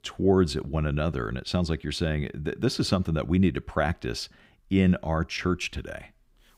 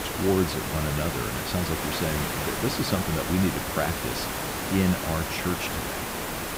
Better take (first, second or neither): first